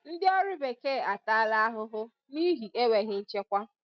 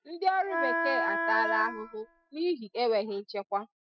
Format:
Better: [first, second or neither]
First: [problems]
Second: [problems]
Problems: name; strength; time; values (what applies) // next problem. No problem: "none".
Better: first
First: none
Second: noise reduction (classical method spectral subtraction)